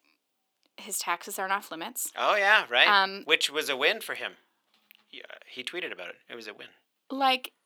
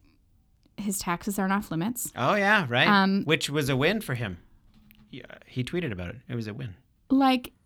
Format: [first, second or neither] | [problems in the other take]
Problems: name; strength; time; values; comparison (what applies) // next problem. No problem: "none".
second | thin; very; fading below 450 Hz